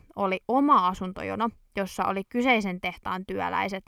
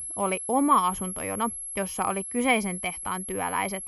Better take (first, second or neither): first